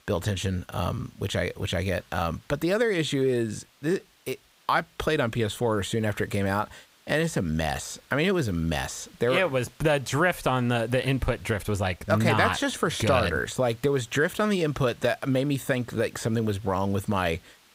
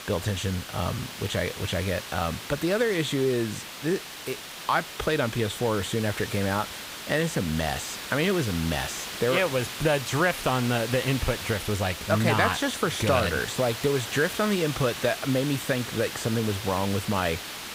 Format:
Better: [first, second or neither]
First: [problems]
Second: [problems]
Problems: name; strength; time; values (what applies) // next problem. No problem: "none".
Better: first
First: hiss; faint; throughout; 30 dB below the speech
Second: hiss; loud; throughout; 8 dB below the speech